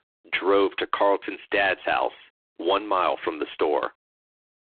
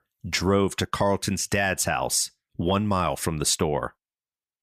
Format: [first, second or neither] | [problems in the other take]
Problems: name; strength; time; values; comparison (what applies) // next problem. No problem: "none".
second | phone-call audio; poor line